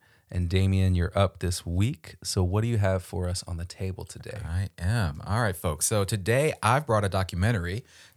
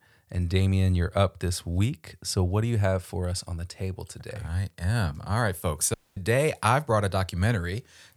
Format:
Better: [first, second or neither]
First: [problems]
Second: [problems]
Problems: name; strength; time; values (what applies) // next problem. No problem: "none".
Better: first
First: none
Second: audio cutting out; at 6 s